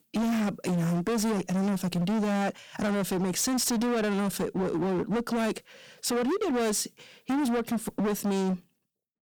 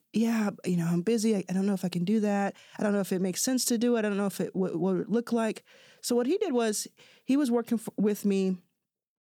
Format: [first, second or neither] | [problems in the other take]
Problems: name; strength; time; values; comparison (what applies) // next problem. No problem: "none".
second | distortion; heavy; 34% of the sound clipped